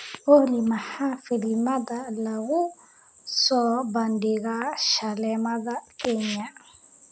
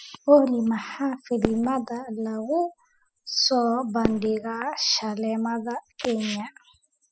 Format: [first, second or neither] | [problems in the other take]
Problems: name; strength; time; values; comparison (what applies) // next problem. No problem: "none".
first | noise reduction (classical method spectral subtraction)